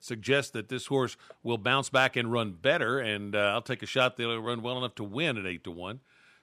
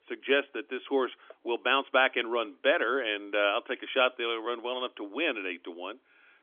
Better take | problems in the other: first | phone-call audio; nothing above 3.5 kHz

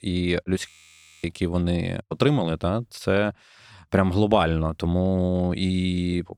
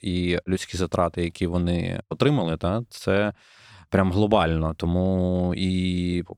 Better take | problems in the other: second | audio freezing; at 0.5 s for 0.5 s

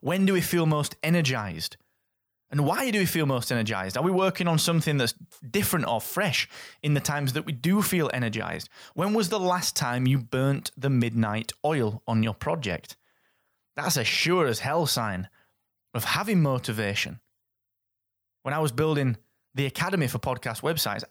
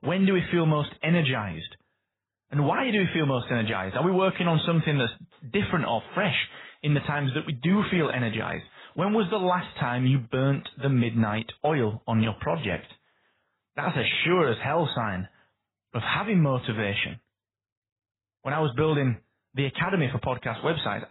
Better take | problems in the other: first | garbled, watery; badly; nothing above 4 kHz

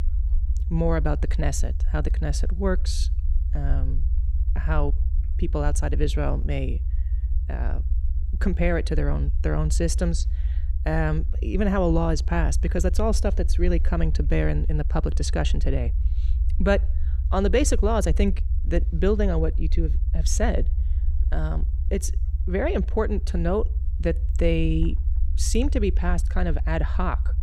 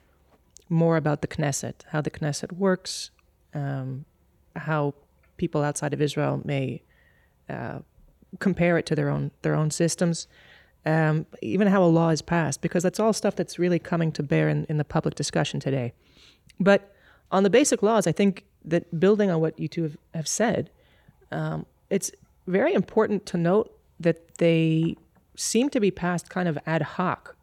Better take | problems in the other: second | low rumble; noticeable; throughout; 20 dB below the speech

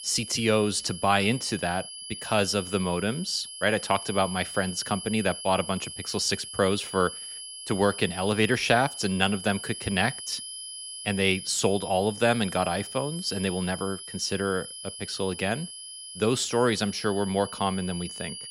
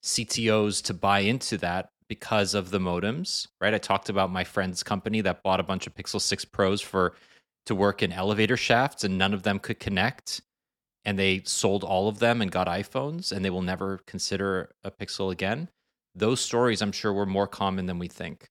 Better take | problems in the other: second | high-pitched whine; noticeable; throughout; 3 kHz, 10 dB below the speech

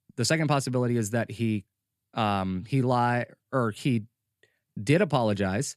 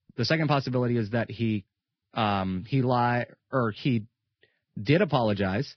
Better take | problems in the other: first | garbled, watery; badly; nothing above 5.5 kHz

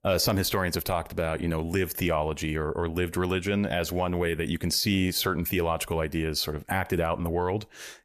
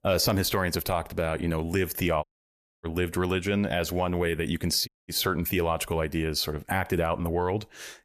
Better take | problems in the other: first | audio cutting out; at 2 s for 0.5 s and at 5 s

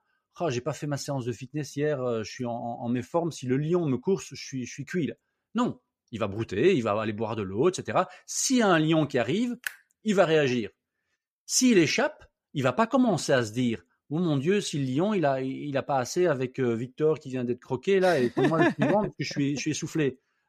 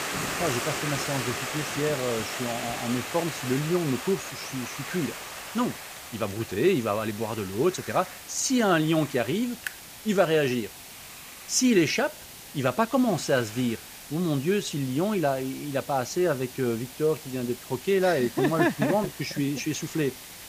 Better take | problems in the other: first | hiss; loud; throughout; 9 dB below the speech

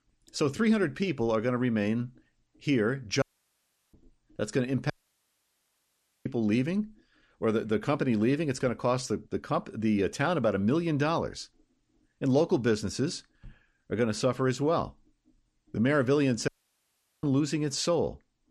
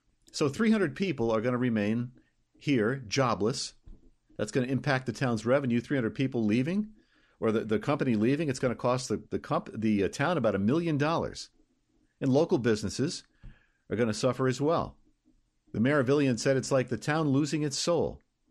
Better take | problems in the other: second | audio cutting out; at 3 s for 0.5 s, at 5 s for 1.5 s and at 16 s for 1 s

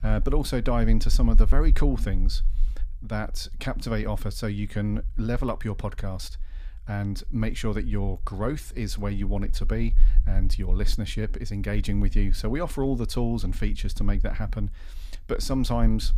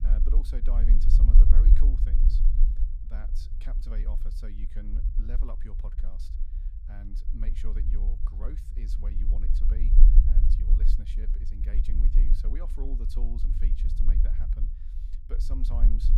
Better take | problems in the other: first | low rumble; loud; throughout; as loud as the speech; faint in the first

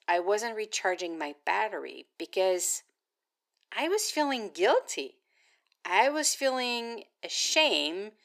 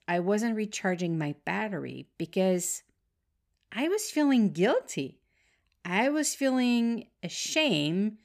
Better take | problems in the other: second | thin; very; fading below 350 Hz

